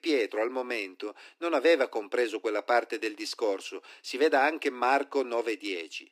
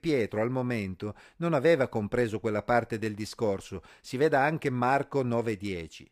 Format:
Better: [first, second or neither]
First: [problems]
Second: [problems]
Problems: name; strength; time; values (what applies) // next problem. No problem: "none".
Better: second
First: thin; somewhat; fading below 300 Hz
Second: none